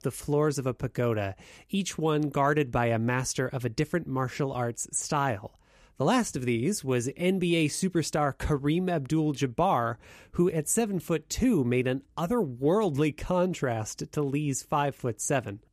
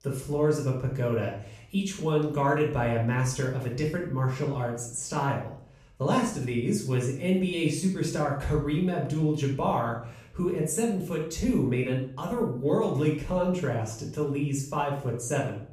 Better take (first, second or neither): first